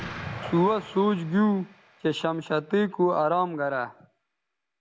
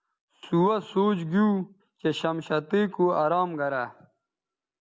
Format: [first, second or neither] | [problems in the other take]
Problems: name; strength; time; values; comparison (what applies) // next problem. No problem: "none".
second | background sound (Explosion); 17 dB below the speech